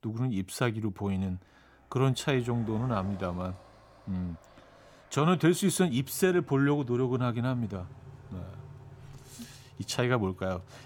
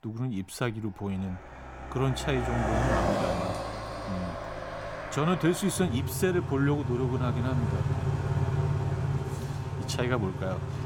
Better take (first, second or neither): first